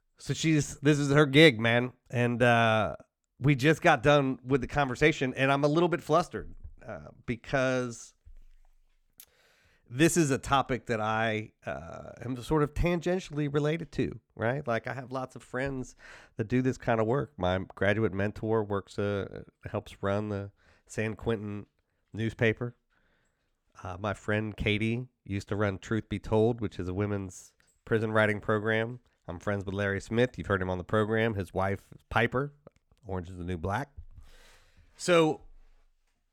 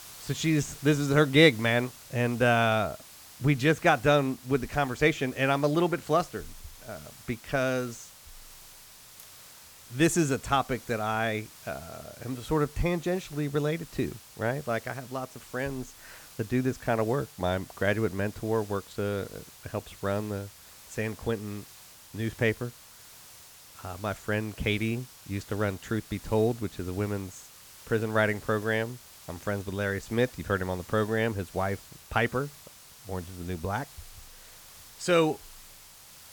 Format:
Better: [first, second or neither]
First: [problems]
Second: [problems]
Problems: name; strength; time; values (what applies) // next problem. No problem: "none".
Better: first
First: none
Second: hiss; noticeable; throughout; 20 dB below the speech